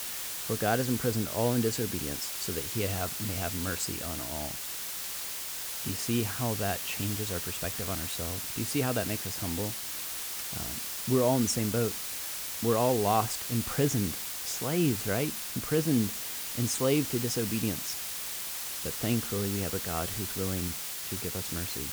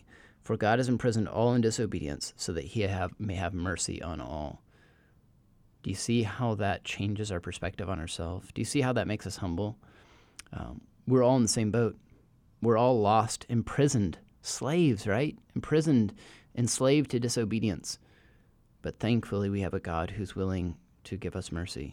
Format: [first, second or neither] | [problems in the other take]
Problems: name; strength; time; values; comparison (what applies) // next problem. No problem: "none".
second | hiss; loud; throughout; 1 dB below the speech